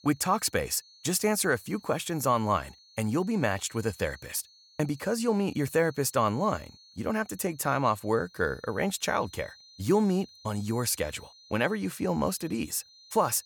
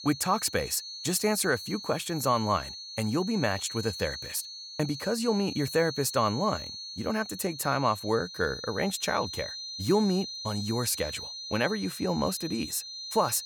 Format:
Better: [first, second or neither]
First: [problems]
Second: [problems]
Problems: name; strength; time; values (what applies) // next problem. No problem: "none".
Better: first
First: high-pitched whine; faint; throughout; 4.5 kHz, 25 dB below the speech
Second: high-pitched whine; loud; throughout; 4.5 kHz, 8 dB below the speech